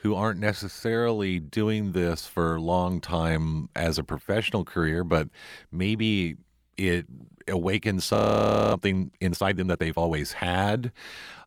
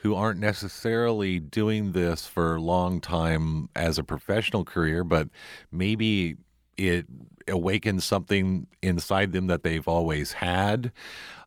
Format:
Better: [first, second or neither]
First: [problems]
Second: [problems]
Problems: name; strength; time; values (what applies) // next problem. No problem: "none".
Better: second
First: audio freezing; at 8 s for 0.5 s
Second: none